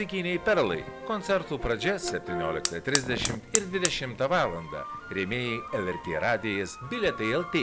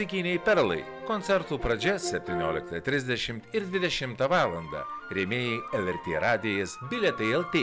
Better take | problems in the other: second | background sound (Fire); 9 dB below the speech

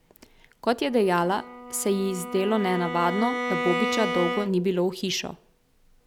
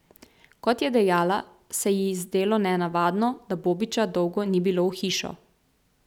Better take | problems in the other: second | background sound (Bowed string instrument); 7 dB below the speech

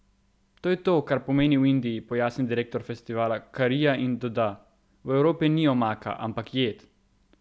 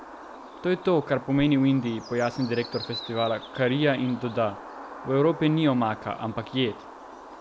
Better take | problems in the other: first | background sound (Bird); 15 dB below the speech

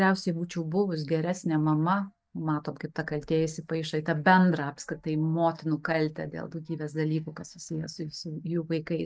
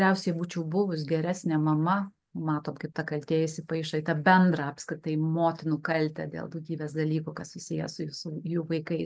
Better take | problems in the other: second | noise reduction (neural mask model DeepFilterNet 3)

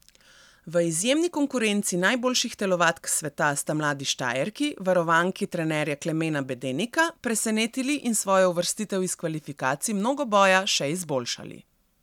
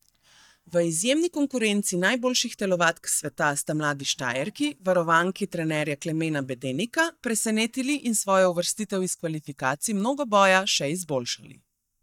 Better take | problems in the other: first | noise reduction (neural mask model DeepFilterNet 3)

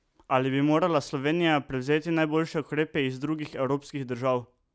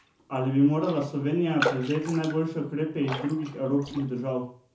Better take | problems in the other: first | background sound (Raindrop); 10 dB below the speech // room echo; dies away in 0.7 s

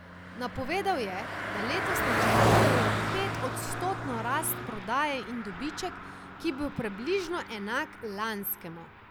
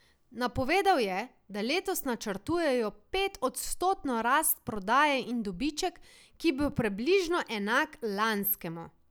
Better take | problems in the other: second | background sound (Car passing by); 2 dB above the speech

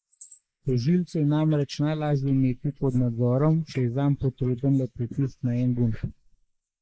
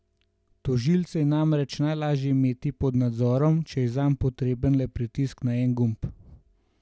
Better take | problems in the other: second | noise reduction (neural mask model Resemble Enhance denoiser)

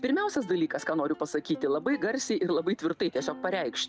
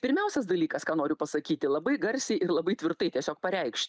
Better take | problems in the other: second | background sound (Plucked string instrument); 19 dB below the speech

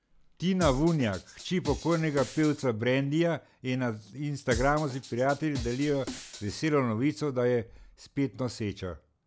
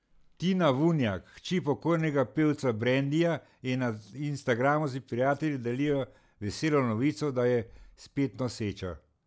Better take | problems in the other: second | background sound (Drum kit); 11 dB below the speech

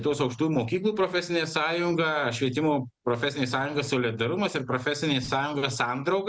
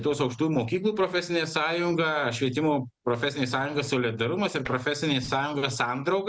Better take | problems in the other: first | background sound (Tap); 16 dB below the speech

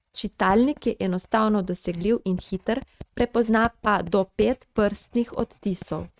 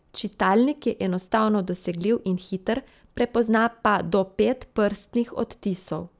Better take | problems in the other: second | noise reduction (neural mask model RNNoise)

